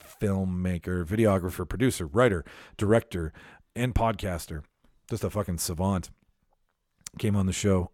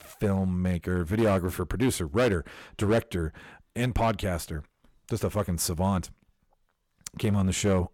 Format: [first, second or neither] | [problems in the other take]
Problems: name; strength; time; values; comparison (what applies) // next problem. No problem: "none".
first | distortion; slight; 5% of the sound clipped